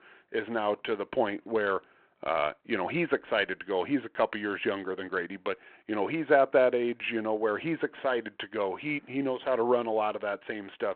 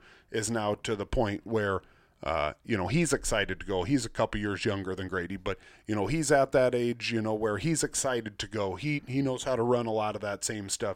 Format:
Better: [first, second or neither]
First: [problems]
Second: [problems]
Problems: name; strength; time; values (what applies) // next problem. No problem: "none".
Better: second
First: phone-call audio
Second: none